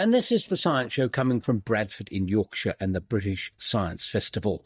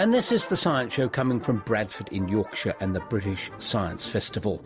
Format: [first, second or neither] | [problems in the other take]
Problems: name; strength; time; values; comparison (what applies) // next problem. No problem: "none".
second | noise reduction (neural mask model DeepFilterNet 3)